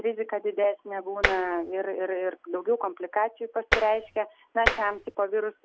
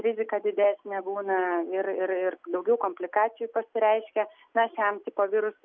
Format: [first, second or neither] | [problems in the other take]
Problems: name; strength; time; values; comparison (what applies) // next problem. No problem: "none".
second | background sound (Tap); as loud as the speech